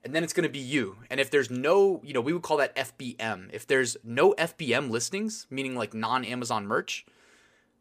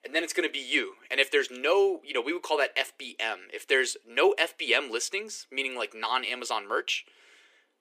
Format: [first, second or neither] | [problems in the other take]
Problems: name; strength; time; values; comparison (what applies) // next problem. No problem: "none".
first | thin; somewhat; fading below 300 Hz